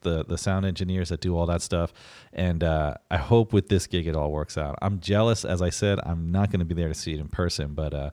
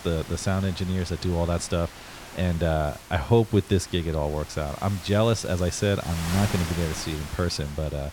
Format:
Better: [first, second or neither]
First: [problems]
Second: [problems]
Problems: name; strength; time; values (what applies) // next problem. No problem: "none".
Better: first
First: none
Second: wind noise on the microphone; heavy; 10 dB below the speech